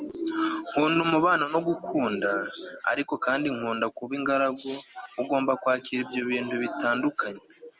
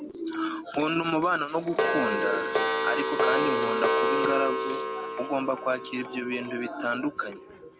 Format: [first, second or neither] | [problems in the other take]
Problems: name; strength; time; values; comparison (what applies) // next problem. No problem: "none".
first | background sound (Clock); as loud as the speech